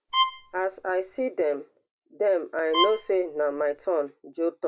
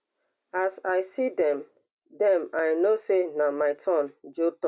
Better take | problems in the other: second | background sound (Bowed string instrument); 3 dB below the speech

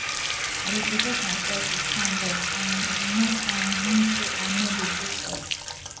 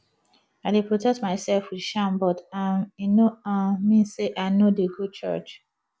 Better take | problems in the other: second | background sound (Bathtub (filling or washing) / Water tap, faucet); 3 dB above the speech // room echo; dies away in 0.5 s

